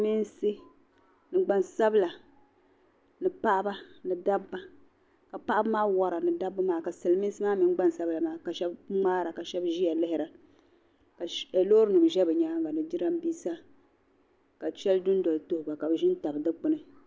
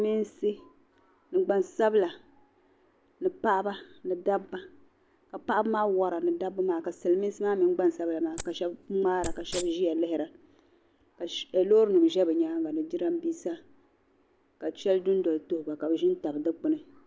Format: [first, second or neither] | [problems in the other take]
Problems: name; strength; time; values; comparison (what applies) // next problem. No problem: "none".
first | background sound (Wild animals); 10 dB below the speech